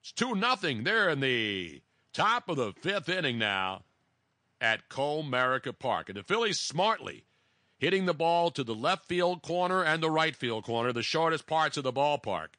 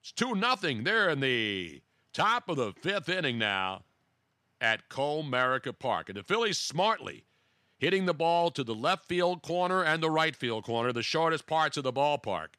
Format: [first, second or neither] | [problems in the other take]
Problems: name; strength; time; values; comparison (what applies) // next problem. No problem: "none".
second | garbled, watery; slightly; nothing above 9 kHz